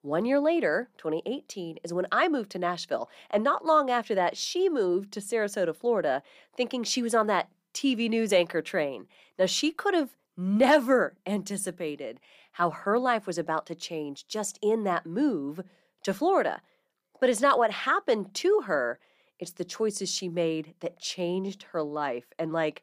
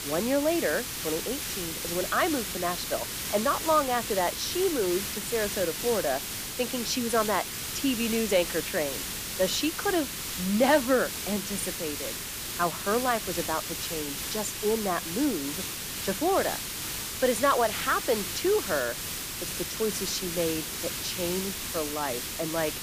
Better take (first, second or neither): first